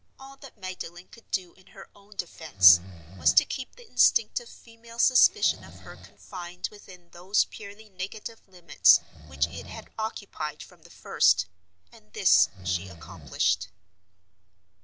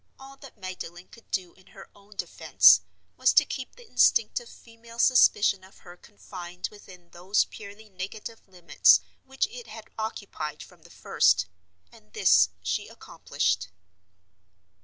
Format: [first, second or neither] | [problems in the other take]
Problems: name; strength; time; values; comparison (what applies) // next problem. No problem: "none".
second | background sound (Breathing); 18 dB below the speech